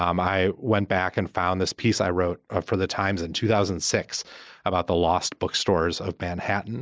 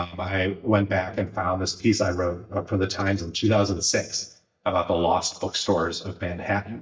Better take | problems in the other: first | noise reduction (neural mask model DeepFilterNet 3)

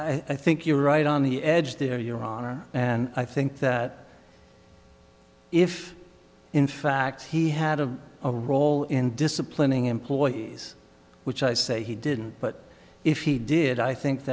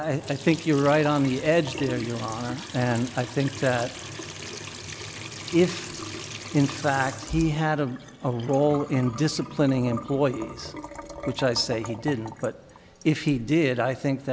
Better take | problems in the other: first | background sound (Trickle, dribble / Sink (filling or washing) / Water tap, faucet); 13 dB below the speech

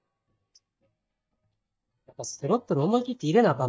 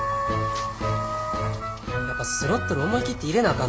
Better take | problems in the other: second | noise reduction (neural mask model DeepFilterNet 3)

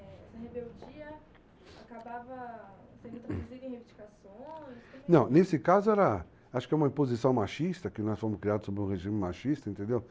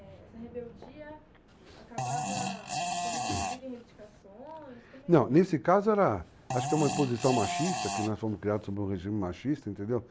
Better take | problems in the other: first | background sound (Fart); 5 dB below the speech

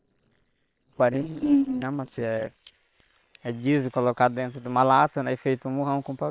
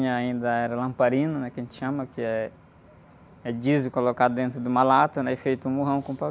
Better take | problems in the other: second | noise reduction (neural separator model SepFormer WHAM!)

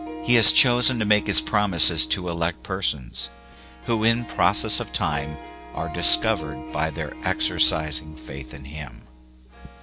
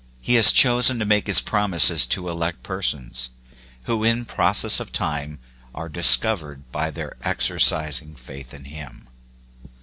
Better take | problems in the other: second | background sound (Harp); 12 dB below the speech

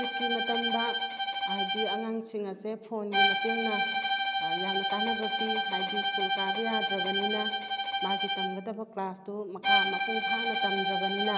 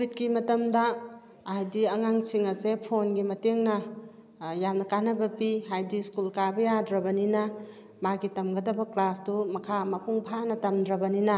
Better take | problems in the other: second | background sound (Bowed string instrument); 5 dB above the speech

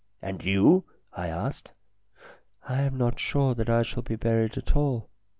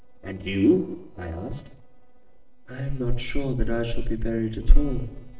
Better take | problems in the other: first | noise reduction (neural separator model SepFormer DNS4)

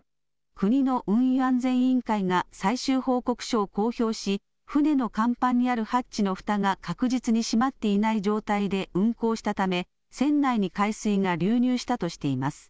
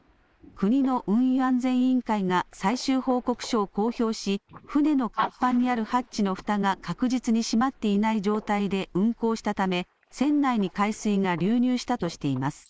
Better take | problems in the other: first | noise reduction (neural mask model Resemble Enhance denoiser)

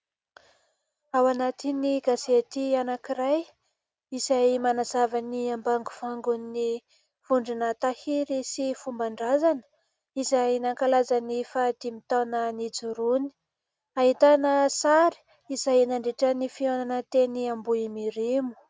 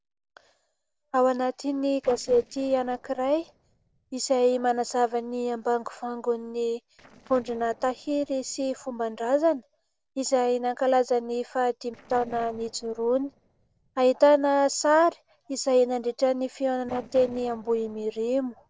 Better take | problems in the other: first | noise reduction (neural separator model SepFormer DNS4)

